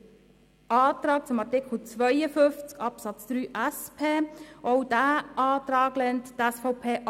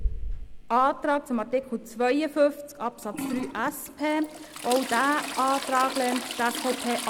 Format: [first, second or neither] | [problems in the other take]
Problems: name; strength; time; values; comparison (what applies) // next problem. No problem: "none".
first | background sound (Trickle, dribble / Toilet flush); 8 dB below the speech